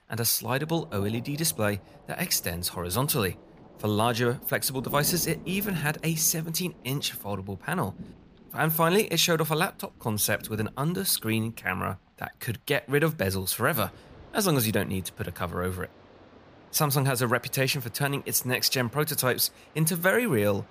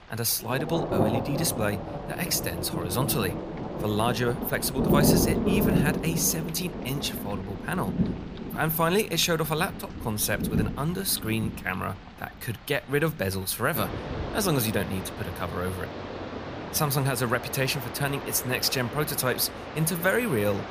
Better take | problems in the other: first | rain or running water; loud; throughout; 4 dB below the speech; faint in the first

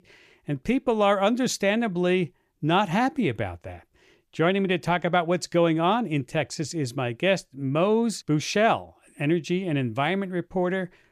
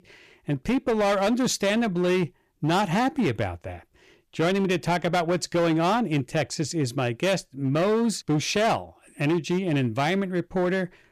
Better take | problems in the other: first | distortion; slight; 14% of the sound clipped

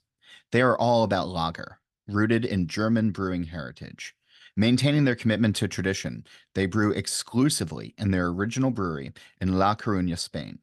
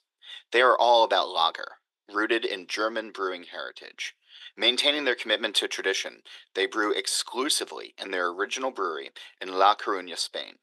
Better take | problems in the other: first | thin; very; fading below 350 Hz

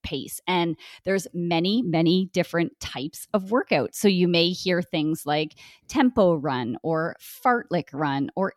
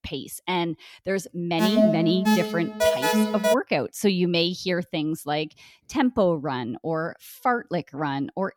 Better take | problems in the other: first | alarm; loud; from 1.5 to 3.5 s; peak 5 dB above the speech

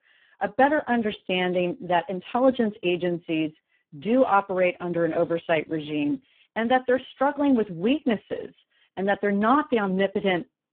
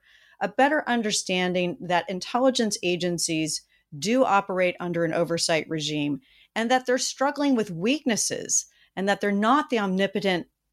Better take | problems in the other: second | phone-call audio; poor line

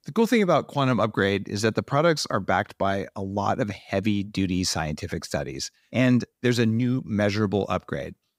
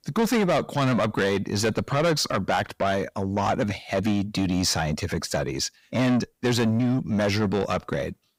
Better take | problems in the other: first | distortion; heavy; 7 dB below the speech

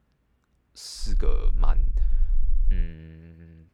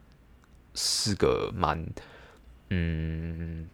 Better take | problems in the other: second | low rumble; noticeable; from 1 to 3 s; 15 dB below the speech

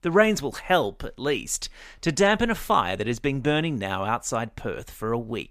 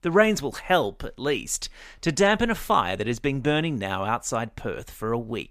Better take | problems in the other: neither | none

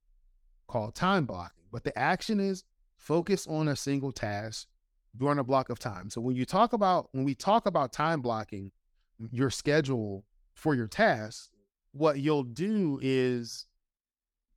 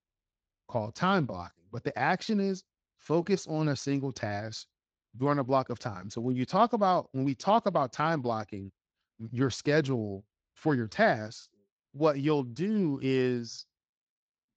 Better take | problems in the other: first | garbled, watery; slightly

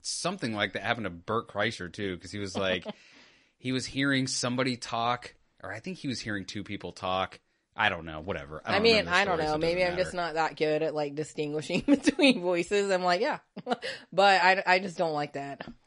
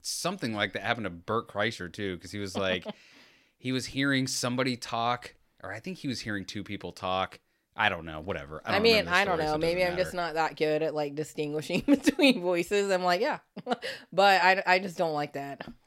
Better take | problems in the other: second | garbled, watery; slightly; nothing above 10.5 kHz

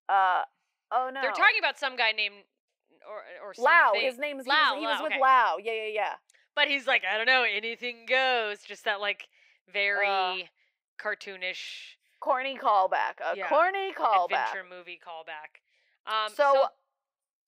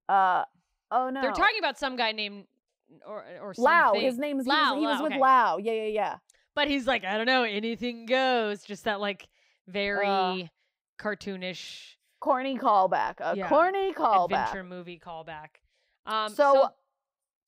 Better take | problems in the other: second | thin; somewhat; fading below 500 Hz

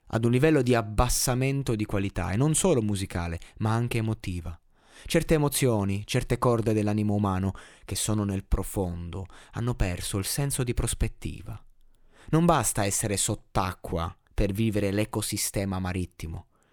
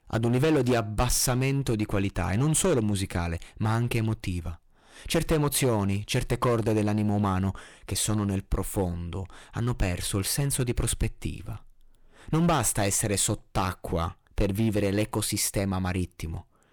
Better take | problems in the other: first | distortion; slight; 7% of the sound clipped

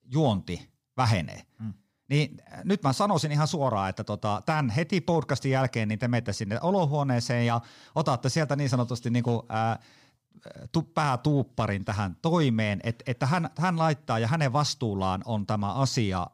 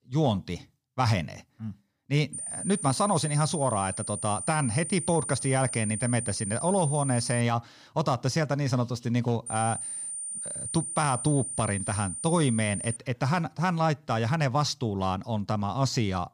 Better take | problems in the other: first | high-pitched whine; loud; from 2.5 to 7.5 s and from 9.5 to 13 s; 9 kHz, 5 dB below the speech

